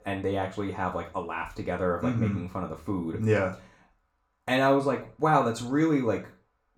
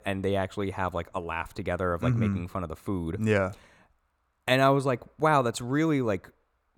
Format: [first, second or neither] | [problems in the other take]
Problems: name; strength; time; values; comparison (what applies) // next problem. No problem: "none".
second | room echo; slight; dies away in 0.3 s // off-mic speech; far